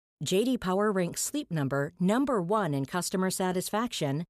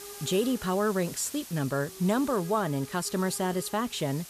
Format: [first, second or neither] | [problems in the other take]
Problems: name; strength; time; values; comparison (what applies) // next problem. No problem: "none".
first | hiss; noticeable; throughout; 15 dB below the speech